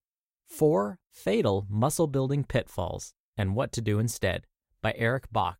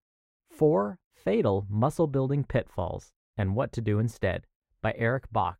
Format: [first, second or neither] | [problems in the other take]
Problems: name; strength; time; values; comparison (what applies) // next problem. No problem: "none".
first | muffled; slightly; fading above 3 kHz